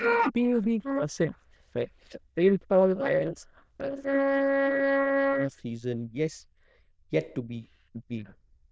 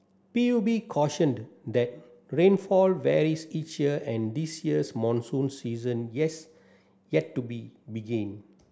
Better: second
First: noise reduction (neural diffusion model UNIVERSE++)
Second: none

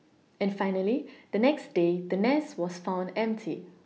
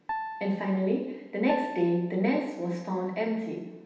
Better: first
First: none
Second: background sound (Piano); 10 dB below the speech // room echo; dies away in 0.9 s

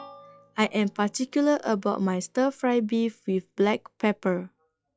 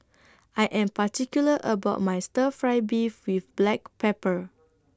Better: second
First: noise reduction (classical method log-MMSE)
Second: none

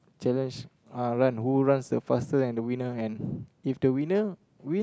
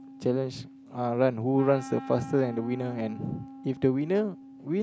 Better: first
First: none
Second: background sound (Wind instrument, woodwind instrument); 16 dB below the speech

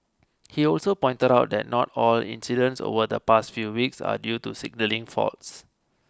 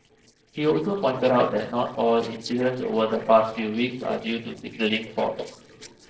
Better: first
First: none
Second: noise reduction (neural separator model SepFormer DNS4)

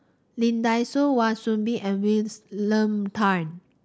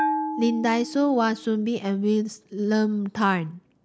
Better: first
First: none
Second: background sound (Bell); 9 dB below the speech

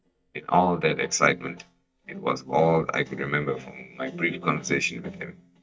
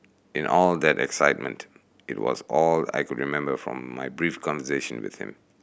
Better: second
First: noise reduction (neural mask model DeepFilterNet 3)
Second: none

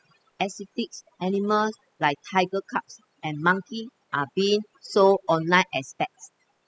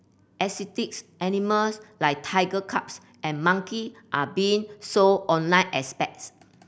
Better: second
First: noise reduction (classical method spectral subtraction)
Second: none

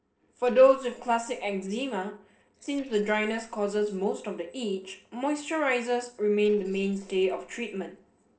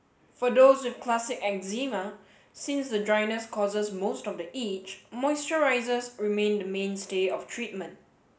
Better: second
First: noise reduction (neural separator model SepFormer DNS4)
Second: none

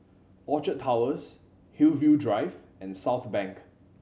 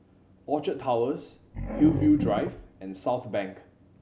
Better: first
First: none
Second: background sound (Growling); 7 dB below the speech

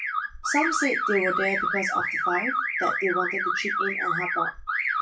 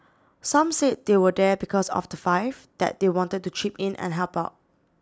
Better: second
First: noise reduction (classical method WPE with log-MMSE)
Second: none

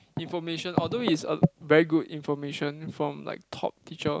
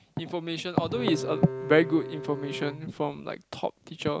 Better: first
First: none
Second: background sound (Bowed string instrument); 9 dB below the speech

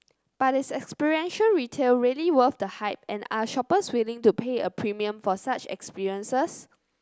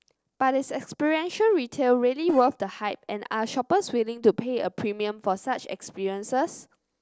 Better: first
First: none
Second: noise reduction (neural separator model SepFormer DNS4)

